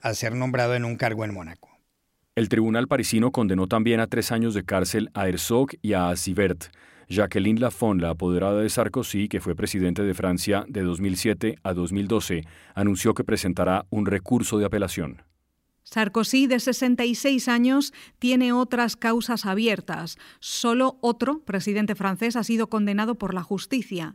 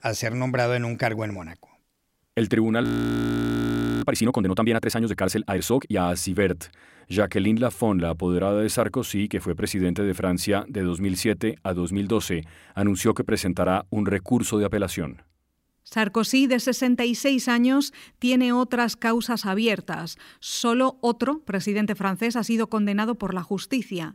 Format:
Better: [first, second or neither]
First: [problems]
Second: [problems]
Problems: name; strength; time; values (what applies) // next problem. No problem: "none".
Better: first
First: none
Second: audio freezing; at 3 s for 1 s